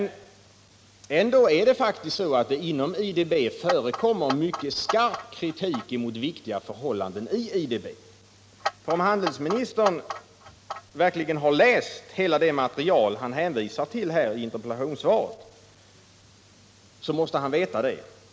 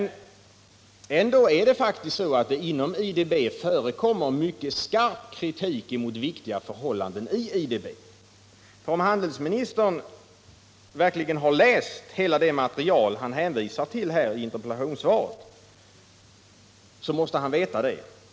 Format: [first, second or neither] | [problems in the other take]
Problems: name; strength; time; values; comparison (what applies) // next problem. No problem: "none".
second | background sound (Clock); 9 dB below the speech